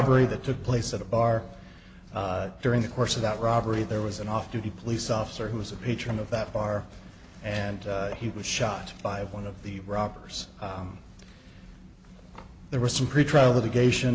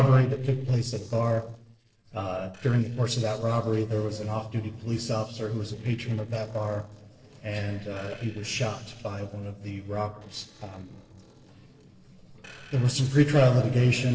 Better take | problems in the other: first | noise reduction (neural separator model SepFormer DNS4)

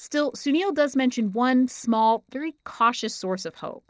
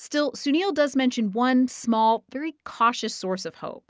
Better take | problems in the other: second | noise reduction (neural separator model SepFormer DNS4)

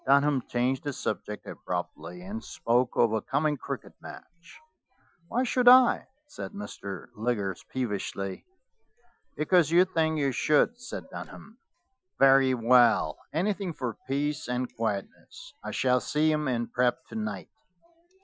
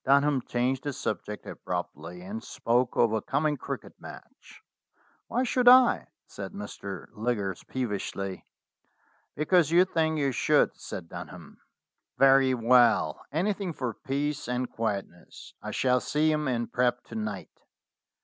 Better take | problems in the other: second | noise reduction (classical method Wiener filter)

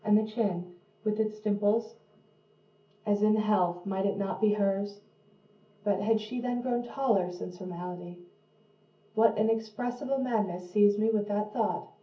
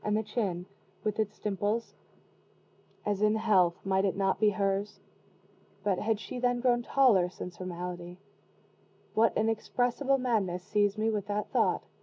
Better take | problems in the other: second | room echo; dies away in 0.3 s

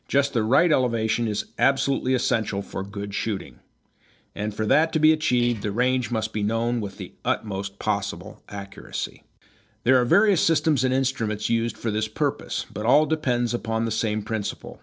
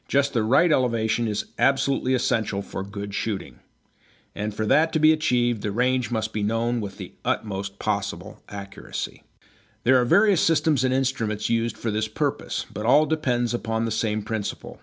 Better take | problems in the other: second | noise reduction (neural separator model SepFormer DNS4)

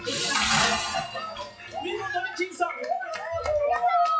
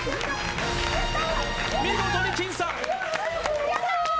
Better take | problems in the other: second | noise reduction (classical method WPE with log-MMSE)

